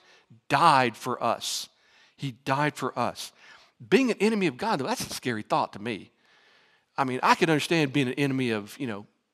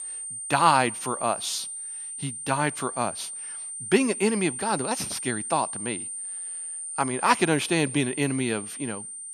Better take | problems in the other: first | high-pitched whine; loud; throughout; 9 kHz, 7 dB below the speech

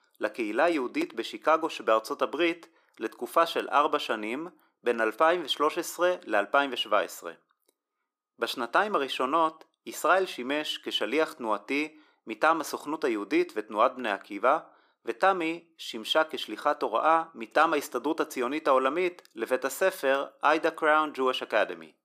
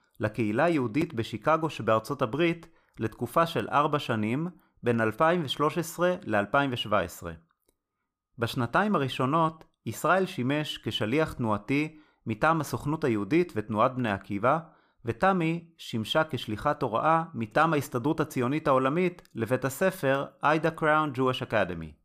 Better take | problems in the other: second | thin; somewhat; fading below 300 Hz

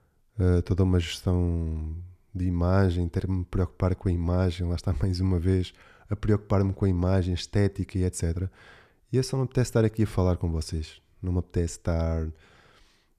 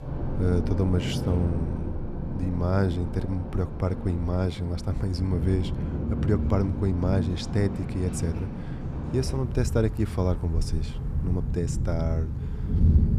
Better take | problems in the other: first | rain or running water; loud; throughout; 2 dB below the speech

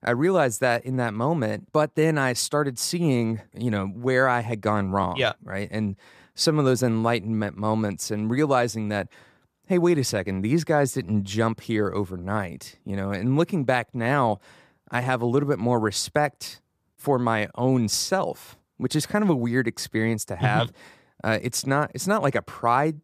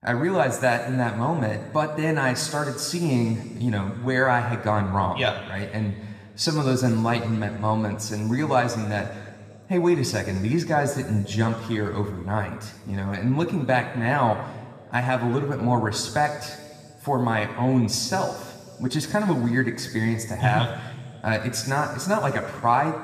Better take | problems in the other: first | room echo; slight; dies away in 1.9 s

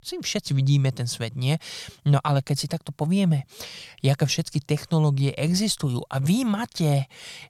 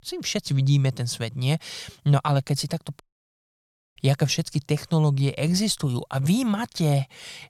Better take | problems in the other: first | audio cutting out; at 3 s for 1 s

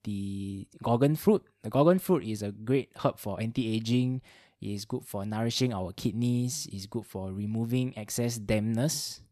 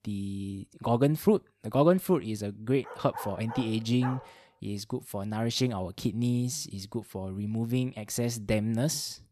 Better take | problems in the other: first | dog barking; noticeable; from 3 to 4.5 s; peak 10 dB below the speech

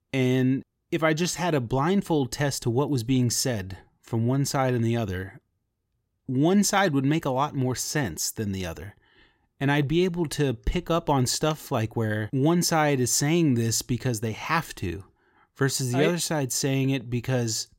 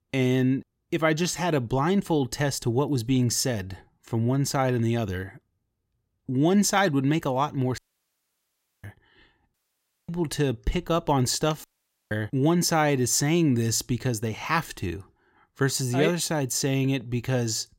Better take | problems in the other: first | audio cutting out; at 8 s for 1 s, at 9.5 s for 0.5 s and at 12 s

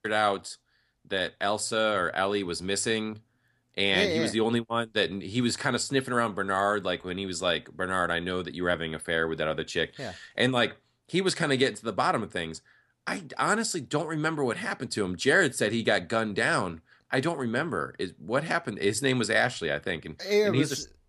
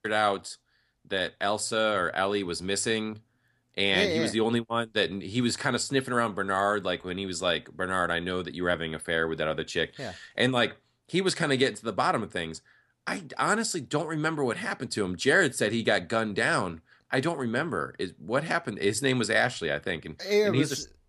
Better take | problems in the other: neither | none

